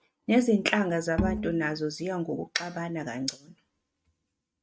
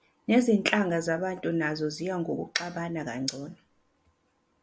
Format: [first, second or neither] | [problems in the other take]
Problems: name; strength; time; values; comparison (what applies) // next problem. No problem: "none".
second | noise reduction (neural mask model RNNoise)